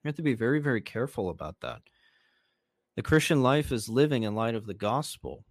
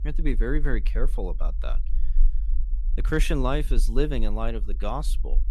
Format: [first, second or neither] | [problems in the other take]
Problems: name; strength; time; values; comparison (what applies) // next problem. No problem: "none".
first | low rumble; faint; throughout; 25 dB below the speech